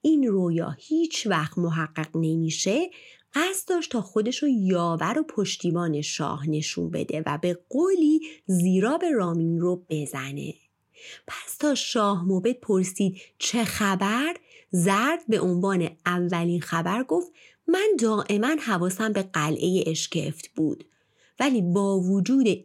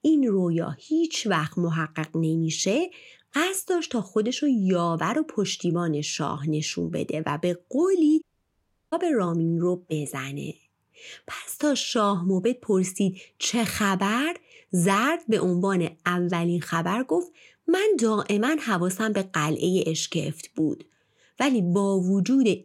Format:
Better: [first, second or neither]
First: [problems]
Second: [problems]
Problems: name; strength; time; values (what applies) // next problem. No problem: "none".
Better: first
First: none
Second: audio cutting out; at 8 s for 0.5 s